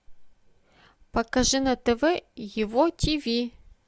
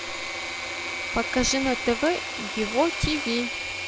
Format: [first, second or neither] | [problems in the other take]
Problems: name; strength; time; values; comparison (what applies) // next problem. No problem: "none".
first | background sound (Engine / Mechanisms); 4 dB below the speech